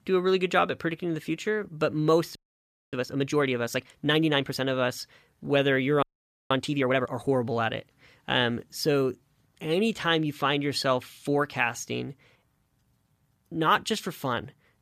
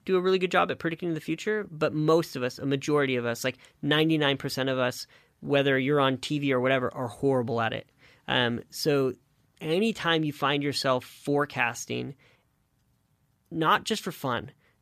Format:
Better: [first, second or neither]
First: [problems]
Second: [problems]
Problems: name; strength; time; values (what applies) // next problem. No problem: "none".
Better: second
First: audio freezing; at 2.5 s for 0.5 s and at 6 s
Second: none